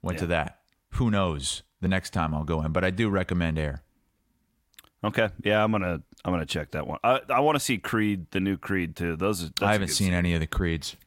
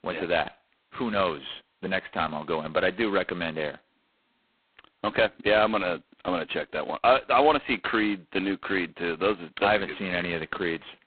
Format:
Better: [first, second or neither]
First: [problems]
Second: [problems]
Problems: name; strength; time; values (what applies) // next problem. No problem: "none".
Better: first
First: none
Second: phone-call audio; poor line; nothing above 4 kHz